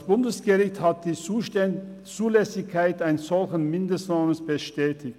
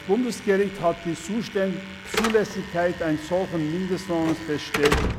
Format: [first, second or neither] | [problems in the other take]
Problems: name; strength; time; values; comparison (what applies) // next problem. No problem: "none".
first | background sound (Slam / Alarm); 6 dB below the speech